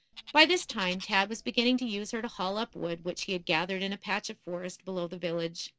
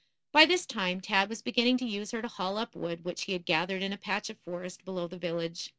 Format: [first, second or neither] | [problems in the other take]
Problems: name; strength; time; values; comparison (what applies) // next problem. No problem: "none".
second | background sound (Bird); 19 dB below the speech